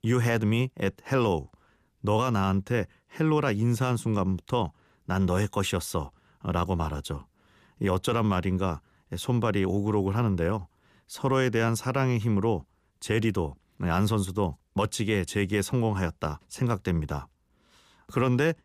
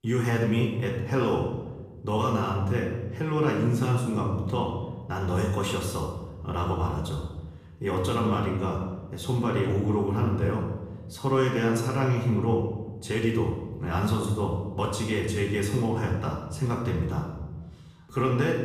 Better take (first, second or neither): first